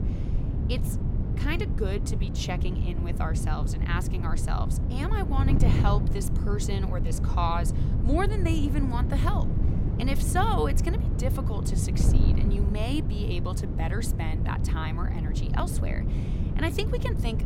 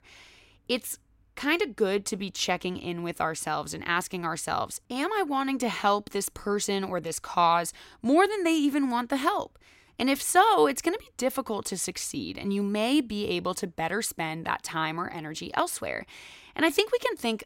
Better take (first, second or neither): second